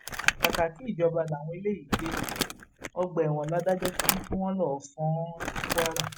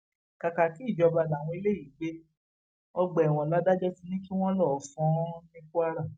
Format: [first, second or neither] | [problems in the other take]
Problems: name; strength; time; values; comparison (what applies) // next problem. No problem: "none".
second | background sound (Crumpling, crinkling); 3 dB below the speech